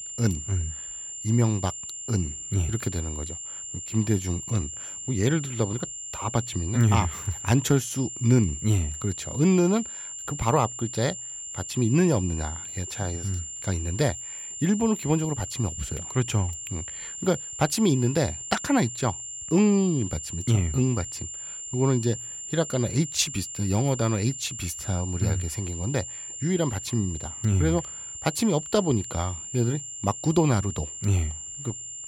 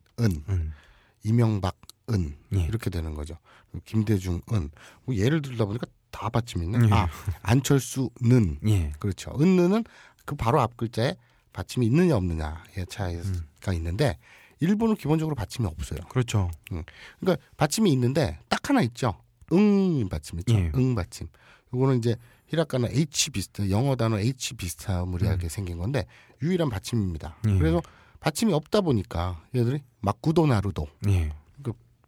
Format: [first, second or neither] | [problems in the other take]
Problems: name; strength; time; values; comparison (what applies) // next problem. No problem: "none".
second | high-pitched whine; loud; throughout; 7 kHz, 8 dB below the speech